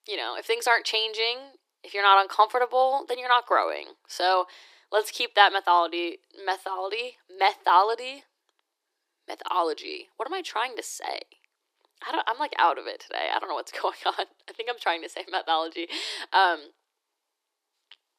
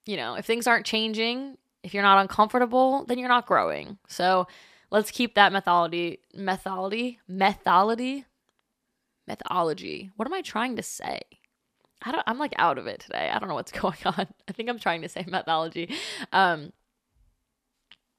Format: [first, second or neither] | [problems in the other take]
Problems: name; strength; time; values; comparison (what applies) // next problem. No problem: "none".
second | thin; very; fading below 300 Hz